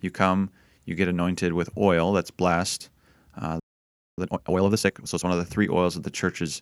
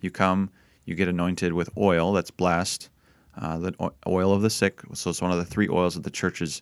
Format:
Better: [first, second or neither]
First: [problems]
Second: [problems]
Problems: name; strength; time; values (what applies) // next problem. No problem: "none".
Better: second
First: audio freezing; at 3.5 s for 0.5 s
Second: none